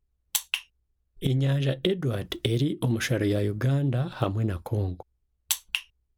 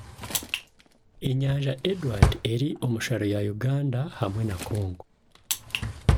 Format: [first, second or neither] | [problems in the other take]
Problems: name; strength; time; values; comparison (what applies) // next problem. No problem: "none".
first | background sound (Drawer open or close); 2 dB below the speech